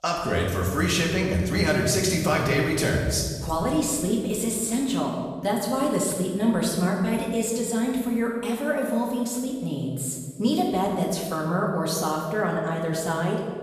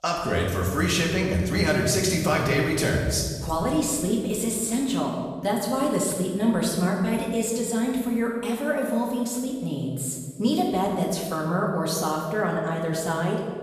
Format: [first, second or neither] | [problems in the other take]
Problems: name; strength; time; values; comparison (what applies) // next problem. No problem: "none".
neither | room echo; noticeable; dies away in 1.6 s; the same in both // off-mic speech; far; the same in both